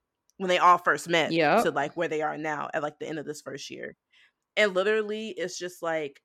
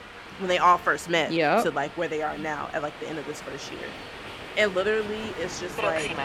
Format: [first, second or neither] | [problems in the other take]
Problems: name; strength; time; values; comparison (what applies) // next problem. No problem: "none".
first | train or aircraft noise; noticeable; throughout; 10 dB below the speech